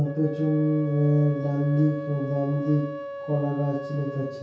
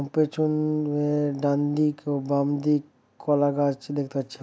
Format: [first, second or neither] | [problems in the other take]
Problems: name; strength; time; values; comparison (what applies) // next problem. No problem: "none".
second | background sound (Wind instrument, woodwind instrument); 11 dB below the speech // room echo; dies away in 0.6 s